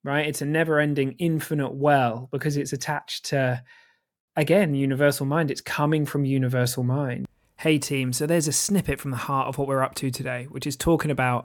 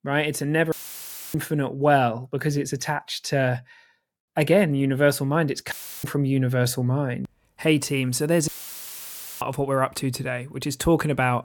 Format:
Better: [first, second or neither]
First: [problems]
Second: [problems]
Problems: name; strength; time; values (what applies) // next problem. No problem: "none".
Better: first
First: none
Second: audio cutting out; filled with static; at 0.5 s for 0.5 s, at 5.5 s and at 8.5 s for 1 s